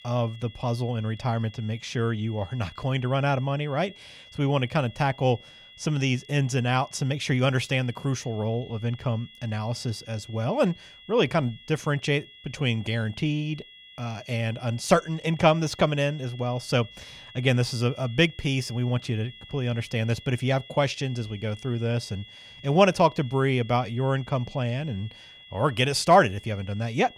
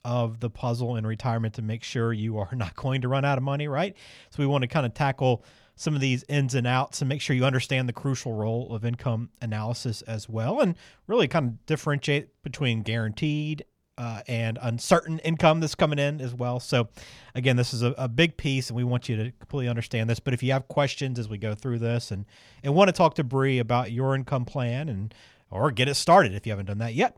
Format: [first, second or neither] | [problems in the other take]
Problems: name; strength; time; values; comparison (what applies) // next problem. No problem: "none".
second | high-pitched whine; noticeable; throughout; 3.5 kHz, 20 dB below the speech